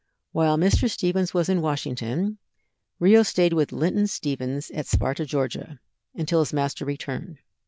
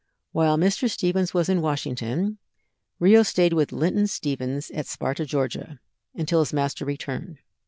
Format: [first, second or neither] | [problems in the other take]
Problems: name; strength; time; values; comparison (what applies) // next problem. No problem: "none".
second | background sound (Bass drum); 1 dB below the speech